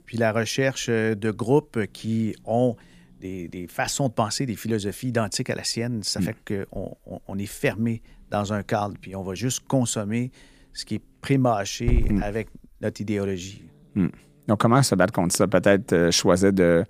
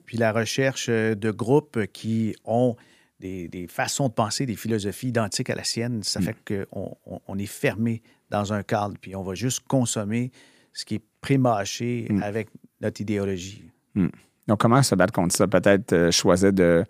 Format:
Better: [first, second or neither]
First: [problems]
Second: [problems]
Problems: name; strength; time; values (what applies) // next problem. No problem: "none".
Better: second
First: hiss; loud; throughout; 9 dB below the speech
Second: none